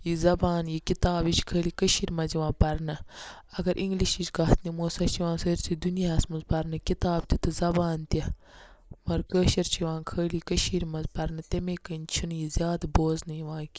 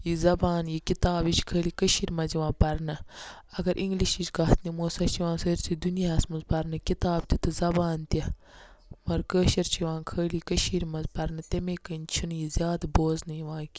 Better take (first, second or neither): second